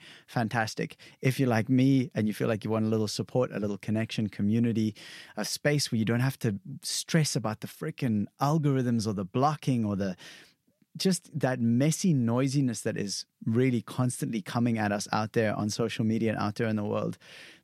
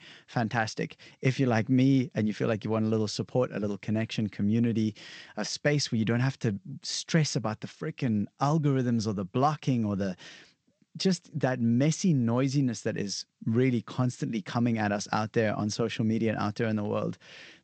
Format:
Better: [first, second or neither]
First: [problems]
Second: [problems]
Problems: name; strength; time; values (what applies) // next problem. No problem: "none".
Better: first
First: none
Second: garbled, watery; slightly; nothing above 8 kHz